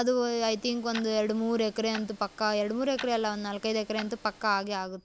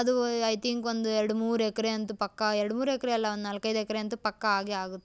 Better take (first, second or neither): second